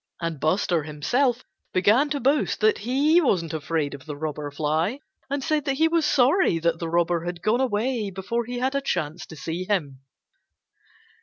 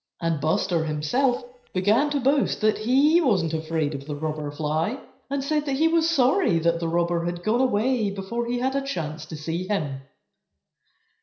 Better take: first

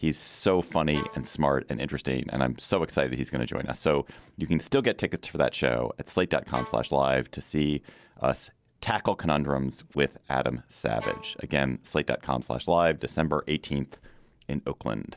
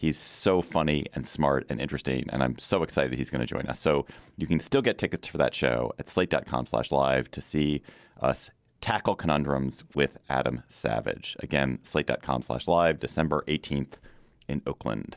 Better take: second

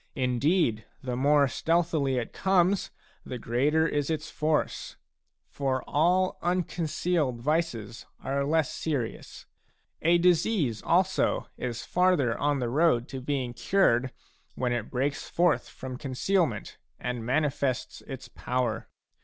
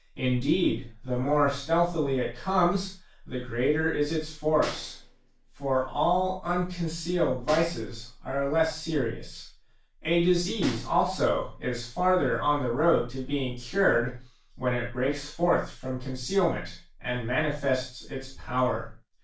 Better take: first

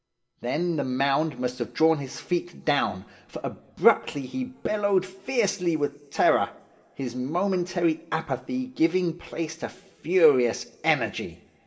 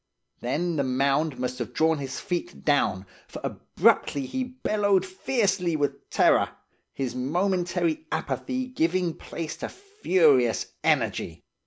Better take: second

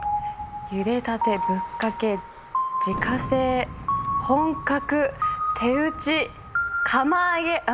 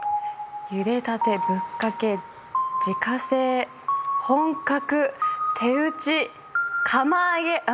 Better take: second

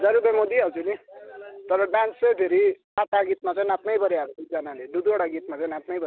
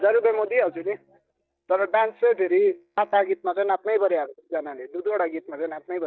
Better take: first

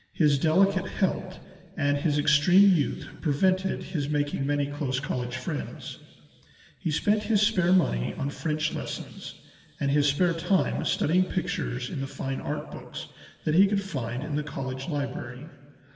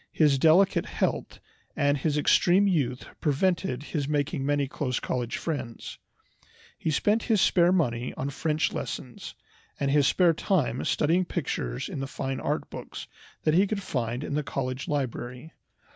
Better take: second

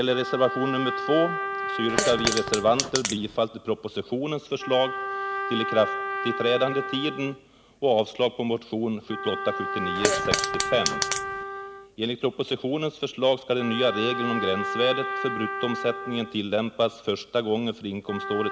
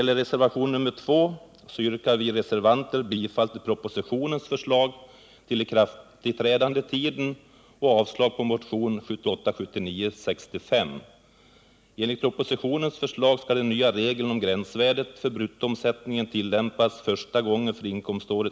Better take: second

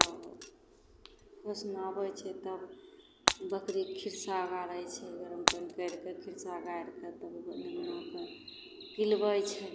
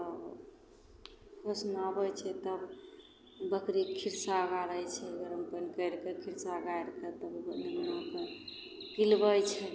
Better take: second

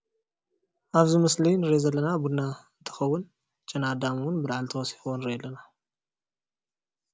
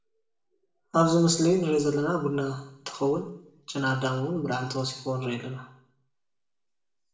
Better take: first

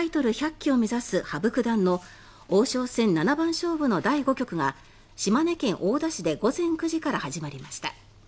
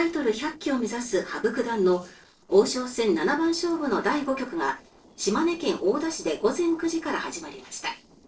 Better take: first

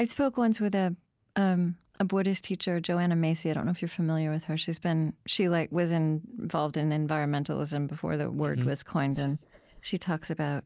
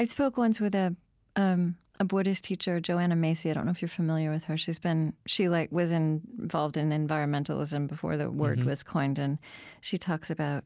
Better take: second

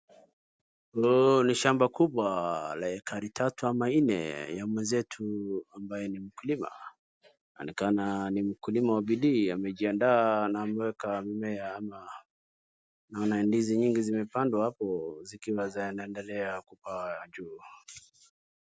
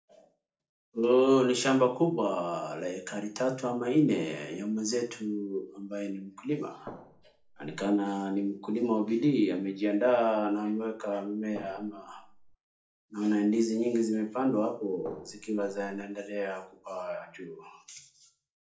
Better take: first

